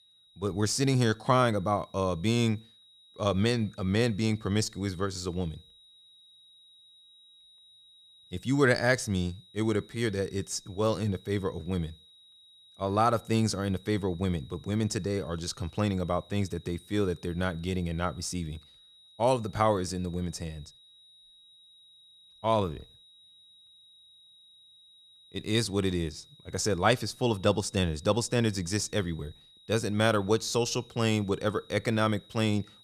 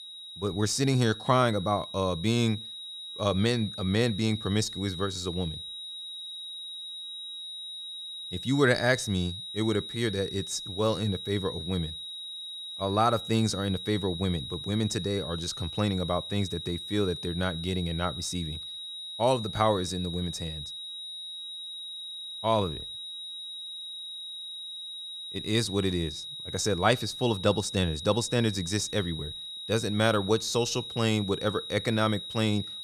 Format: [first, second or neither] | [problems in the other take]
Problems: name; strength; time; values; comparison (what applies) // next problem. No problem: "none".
first | high-pitched whine; loud; throughout; 4 kHz, 8 dB below the speech; faint in the first